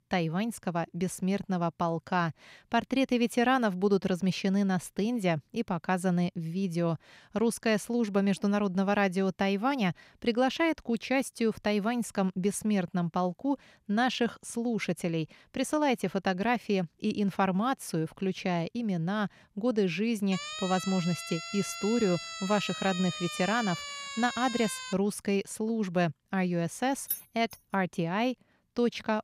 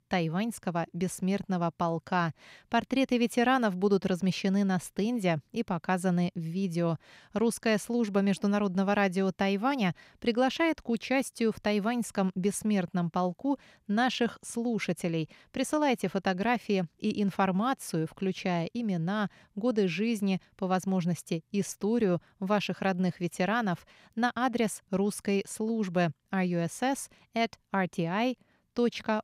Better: second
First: siren; noticeable; from 20 to 25 s; peak 6 dB below the speech // jangling keys; noticeable; at 27 s; peak 5 dB below the speech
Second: none

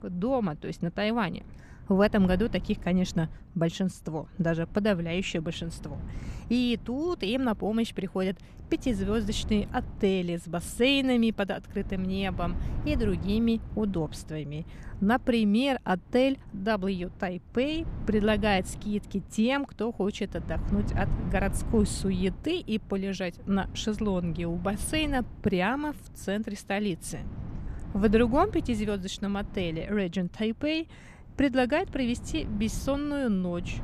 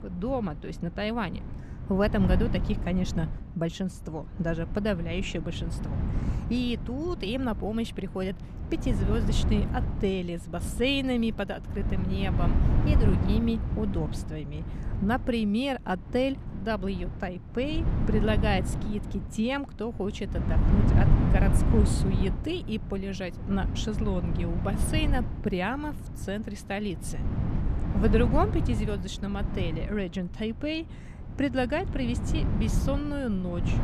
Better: first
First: wind noise on the microphone; occasional gusts; 20 dB below the speech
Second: wind noise on the microphone; heavy; 8 dB below the speech

